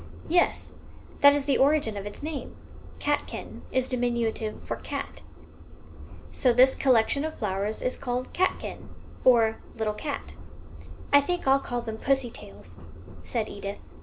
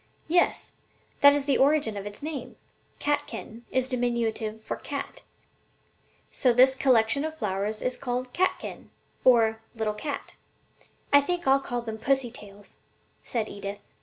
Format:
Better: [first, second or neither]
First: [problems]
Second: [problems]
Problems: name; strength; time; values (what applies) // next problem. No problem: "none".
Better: second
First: background sound (Subway, metro, underground); 12 dB below the speech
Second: none